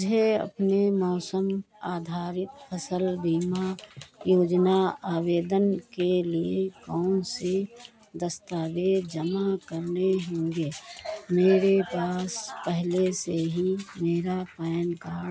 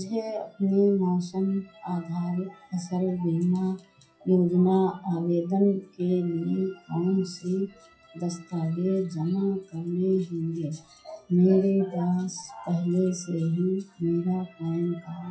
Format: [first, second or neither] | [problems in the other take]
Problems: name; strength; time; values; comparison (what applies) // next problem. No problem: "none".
first | noise reduction (classical method WPE with log-MMSE)